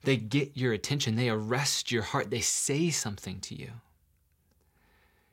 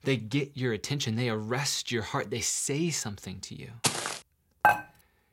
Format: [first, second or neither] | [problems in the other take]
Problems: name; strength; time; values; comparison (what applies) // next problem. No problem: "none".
first | footsteps; loud; at 4 s; peak 2 dB above the speech // clattering dishes; loud; at 4.5 s; peak 5 dB above the speech